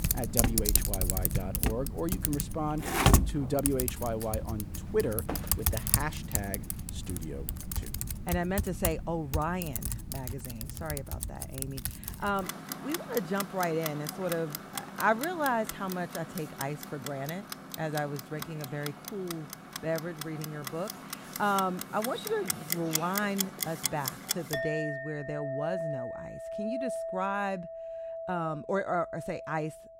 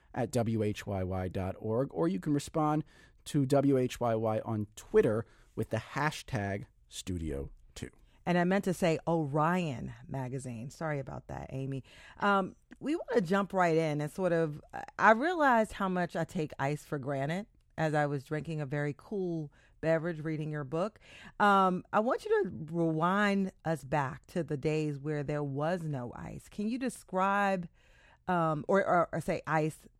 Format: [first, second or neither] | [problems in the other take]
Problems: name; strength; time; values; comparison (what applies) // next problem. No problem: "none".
second | household noises; very loud; throughout; as loud as the speech